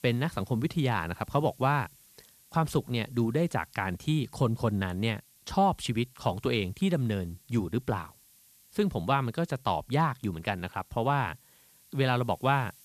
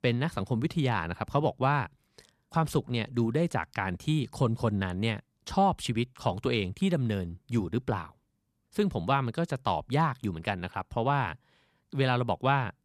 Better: second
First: hiss; faint; throughout; 25 dB below the speech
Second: none

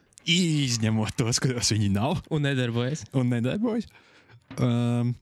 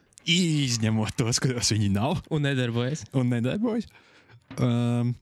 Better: neither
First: household noises; faint; throughout; 30 dB below the speech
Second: household noises; faint; throughout; 30 dB below the speech

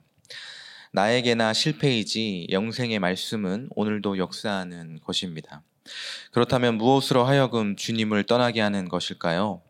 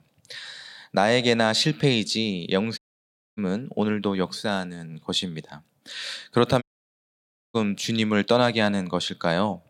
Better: first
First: none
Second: audio cutting out; at 3 s for 0.5 s and at 6.5 s for 1 s

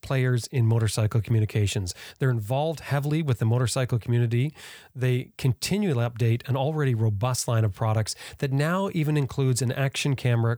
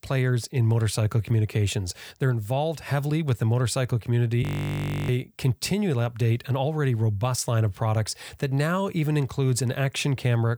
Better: first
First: none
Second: audio freezing; at 4.5 s for 0.5 s

